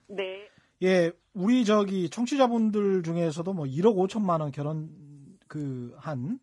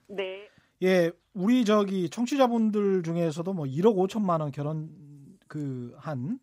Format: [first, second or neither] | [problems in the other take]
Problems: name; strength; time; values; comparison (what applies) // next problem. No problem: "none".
second | garbled, watery; slightly; nothing above 11 kHz